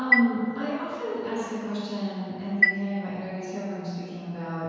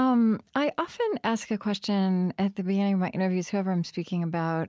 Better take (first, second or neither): second